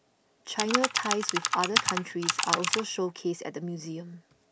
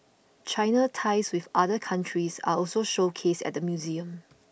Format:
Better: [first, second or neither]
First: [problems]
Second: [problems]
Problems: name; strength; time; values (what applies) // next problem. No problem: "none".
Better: second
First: background sound (Computer keyboard); 3 dB above the speech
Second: none